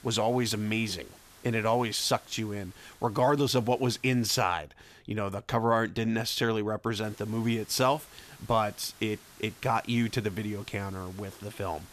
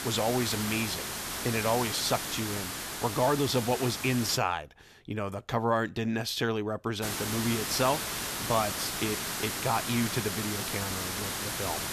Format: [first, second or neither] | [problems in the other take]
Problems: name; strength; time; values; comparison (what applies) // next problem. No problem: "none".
first | hiss; loud; until 4.5 s and from 7 s on; 2 dB below the speech; faint in the first